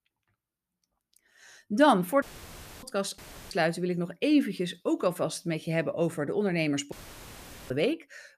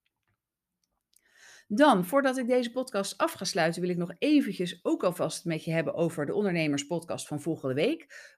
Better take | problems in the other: second | audio cutting out; filled with static; at 2 s for 0.5 s, at 3 s and at 7 s for 1 s

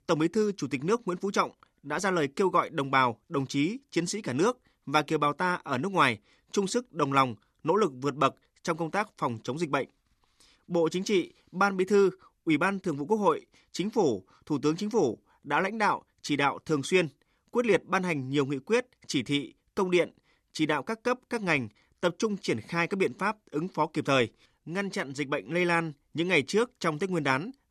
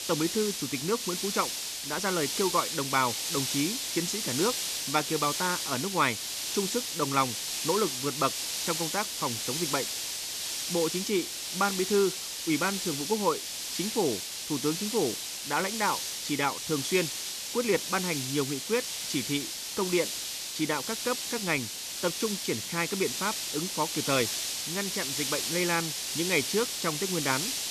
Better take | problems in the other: first | hiss; loud; throughout; 1 dB below the speech

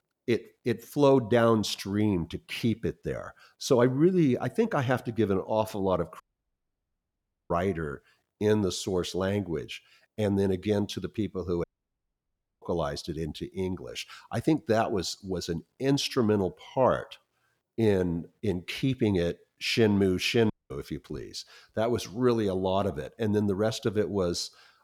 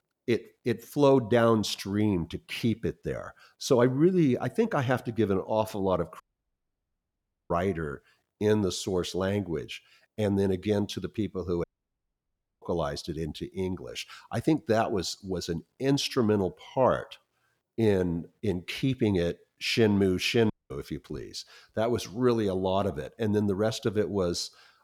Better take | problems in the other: neither | audio cutting out; at 6 s for 1.5 s, at 12 s for 1 s and at 21 s; the same in both

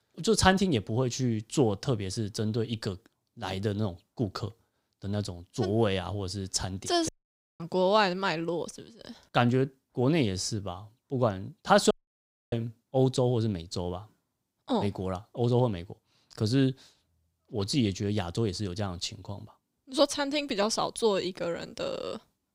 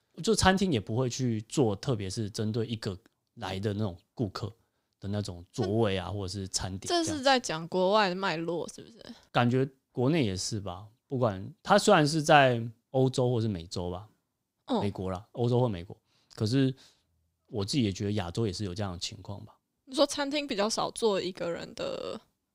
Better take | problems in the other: second | audio cutting out; at 7 s for 0.5 s and at 12 s for 0.5 s

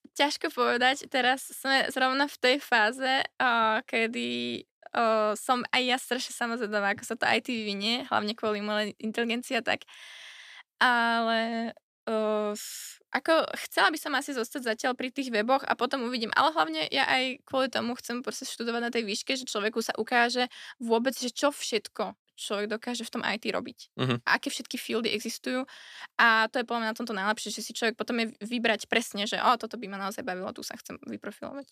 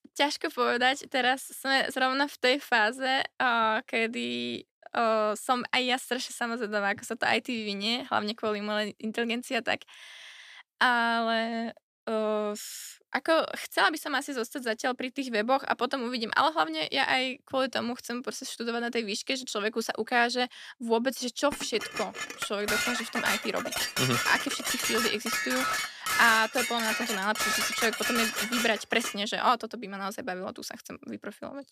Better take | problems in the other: first | clattering dishes; loud; from 22 to 29 s; peak 2 dB above the speech

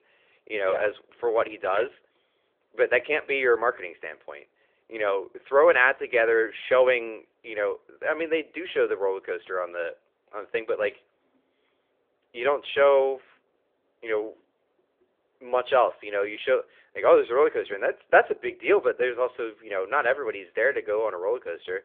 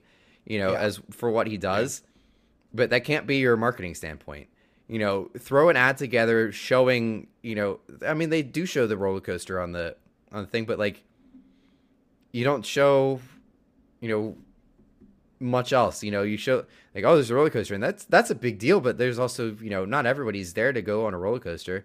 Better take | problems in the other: second | phone-call audio; nothing above 3.5 kHz

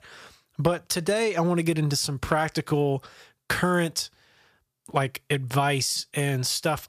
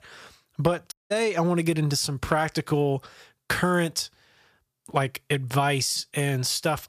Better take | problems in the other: first | audio cutting out; at 1 s

